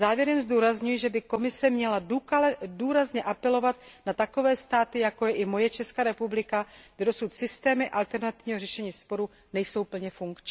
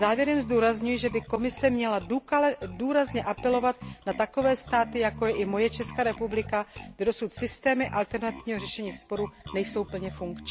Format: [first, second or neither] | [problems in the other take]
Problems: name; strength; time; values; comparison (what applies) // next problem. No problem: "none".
first | background sound (Bass guitar); 15 dB below the speech